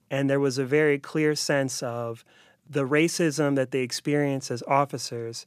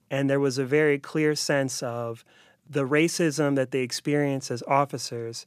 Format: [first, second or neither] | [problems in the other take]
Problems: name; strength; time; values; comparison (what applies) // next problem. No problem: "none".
neither | none